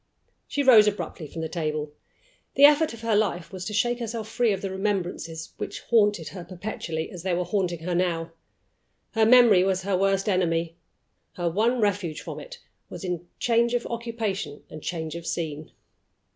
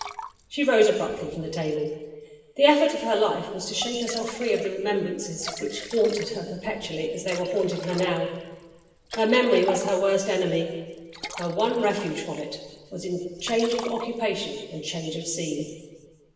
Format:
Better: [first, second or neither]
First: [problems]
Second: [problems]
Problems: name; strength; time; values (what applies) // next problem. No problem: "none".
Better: first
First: none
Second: background sound (Liquid); 16 dB below the speech // room echo; dies away in 1.3 s